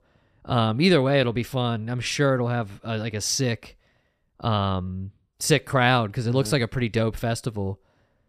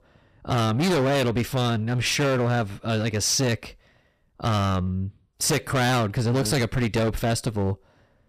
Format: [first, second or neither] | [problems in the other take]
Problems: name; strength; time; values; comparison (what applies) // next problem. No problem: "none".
first | distortion; heavy; 20% of the sound clipped